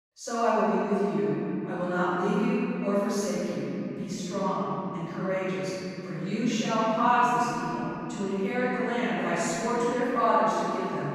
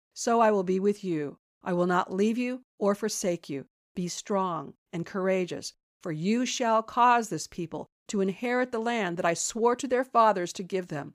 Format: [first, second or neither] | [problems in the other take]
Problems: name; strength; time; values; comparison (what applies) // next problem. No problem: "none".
second | off-mic speech; far // room echo; strong; dies away in 3 s